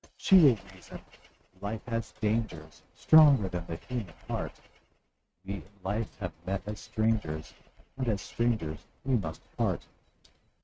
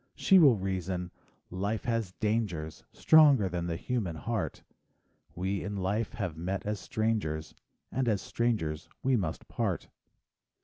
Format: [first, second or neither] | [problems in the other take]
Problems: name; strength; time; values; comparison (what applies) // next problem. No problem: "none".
second | noise reduction (neural mask model RNNoise)